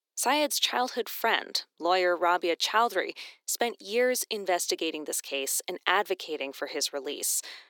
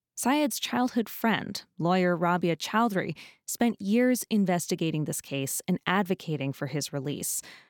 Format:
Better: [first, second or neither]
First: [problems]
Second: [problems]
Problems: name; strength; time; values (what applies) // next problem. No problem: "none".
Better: second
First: thin; very; fading below 350 Hz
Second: none